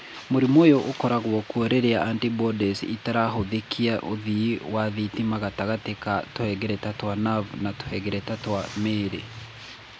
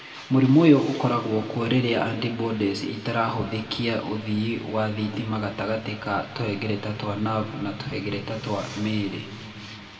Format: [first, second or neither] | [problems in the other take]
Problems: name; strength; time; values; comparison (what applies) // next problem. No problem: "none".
first | room echo; dies away in 1.9 s